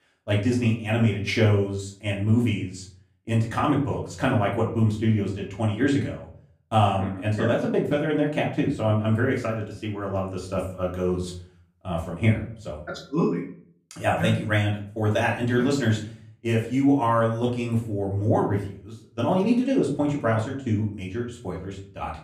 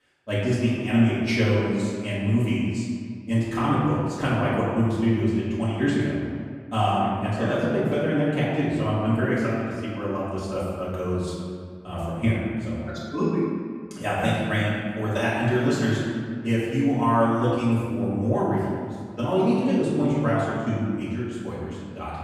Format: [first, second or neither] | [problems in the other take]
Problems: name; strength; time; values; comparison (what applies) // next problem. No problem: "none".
first | room echo; strong; dies away in 1.7 s; slight in the first // off-mic speech; far; far in the first